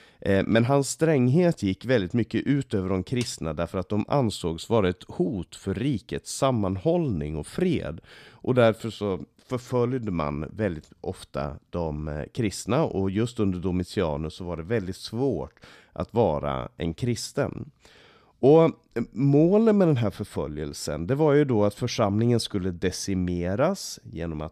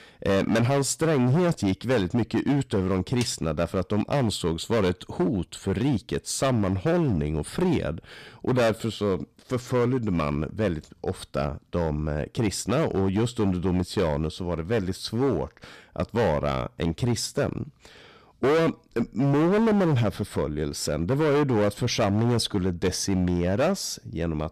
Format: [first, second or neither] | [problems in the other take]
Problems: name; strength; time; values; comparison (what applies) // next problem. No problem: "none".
first | distortion; heavy; 12% of the sound clipped